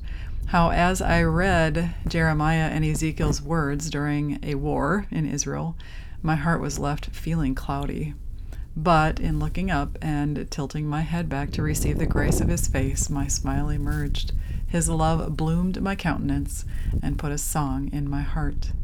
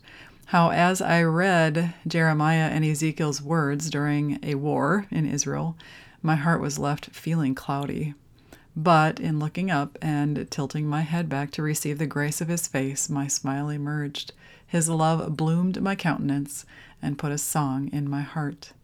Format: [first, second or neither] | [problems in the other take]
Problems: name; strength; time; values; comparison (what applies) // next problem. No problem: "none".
second | wind noise on the microphone; occasional gusts; 15 dB below the speech